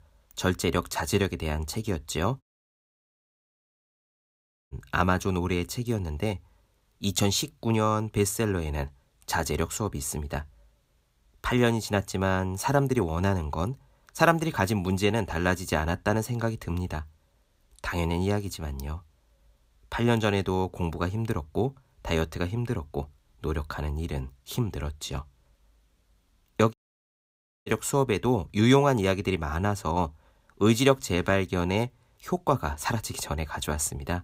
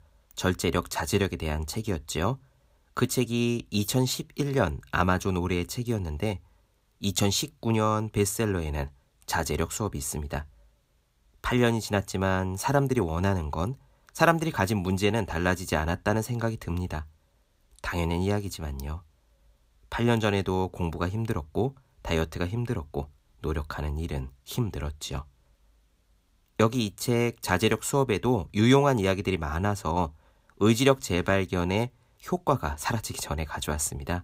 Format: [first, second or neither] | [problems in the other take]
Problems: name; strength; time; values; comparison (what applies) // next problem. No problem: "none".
second | audio cutting out; at 2.5 s for 2.5 s and at 27 s for 1 s